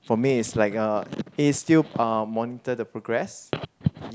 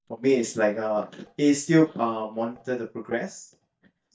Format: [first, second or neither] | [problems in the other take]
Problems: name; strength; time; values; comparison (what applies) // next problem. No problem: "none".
first | noise reduction (neural mask model DeepFilterNet 3)